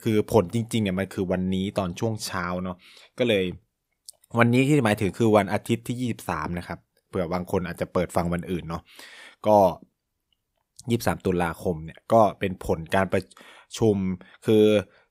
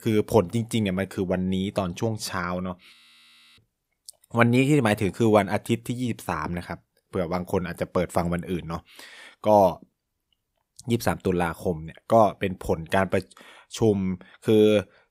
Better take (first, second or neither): first